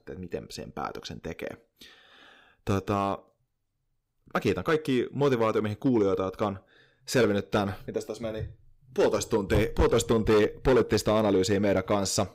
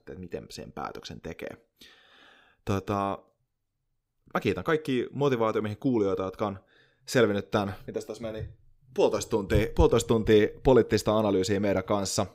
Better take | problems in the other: second | distortion; slight; 4% of the sound clipped

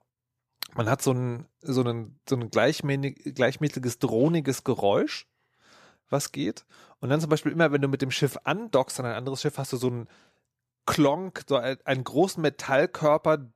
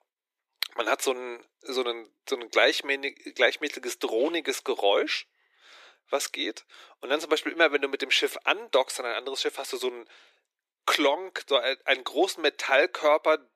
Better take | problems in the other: first | thin; very; fading below 350 Hz

